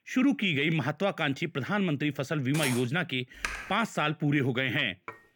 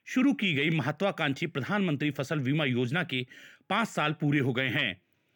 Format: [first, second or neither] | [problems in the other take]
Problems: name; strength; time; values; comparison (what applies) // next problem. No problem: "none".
second | clattering dishes; noticeable; at 2.5 s; peak 7 dB below the speech // keyboard typing; noticeable; at 3.5 s; peak 7 dB below the speech // clattering dishes; faint; at 5 s; peak 20 dB below the speech